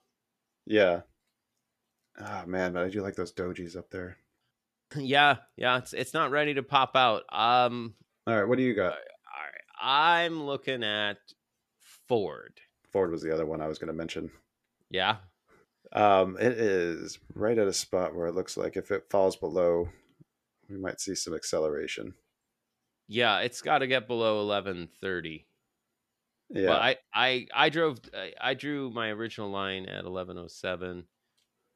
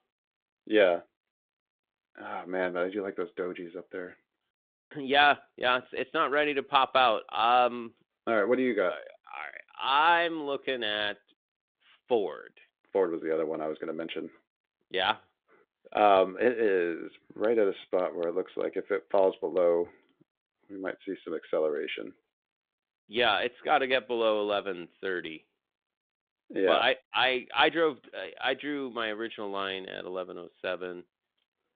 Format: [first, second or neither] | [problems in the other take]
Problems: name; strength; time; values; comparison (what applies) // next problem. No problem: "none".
first | phone-call audio; nothing above 3.5 kHz